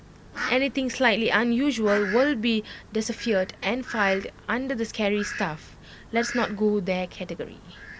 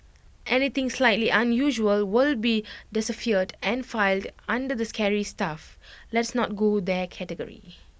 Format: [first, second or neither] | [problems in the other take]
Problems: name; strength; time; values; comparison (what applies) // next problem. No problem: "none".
second | background sound (Fowl); 13 dB below the speech